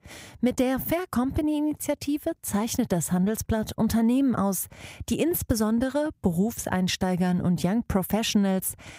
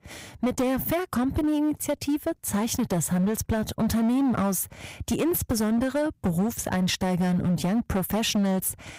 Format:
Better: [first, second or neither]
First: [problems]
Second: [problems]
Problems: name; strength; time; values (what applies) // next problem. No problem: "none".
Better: first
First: none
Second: distortion; slight; 15% of the sound clipped